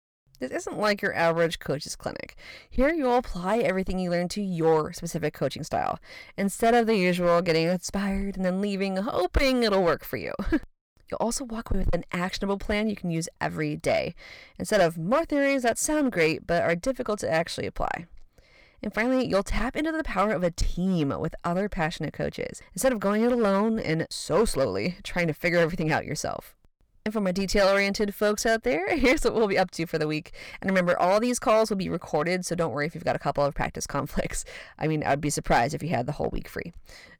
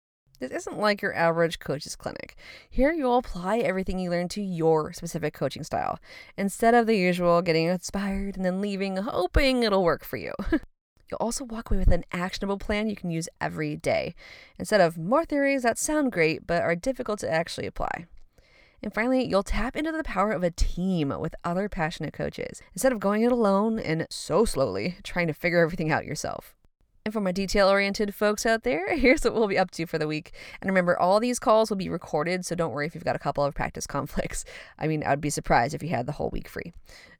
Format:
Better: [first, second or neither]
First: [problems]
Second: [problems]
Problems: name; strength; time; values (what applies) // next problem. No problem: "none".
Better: second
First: distortion; slight; 4% of the sound clipped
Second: none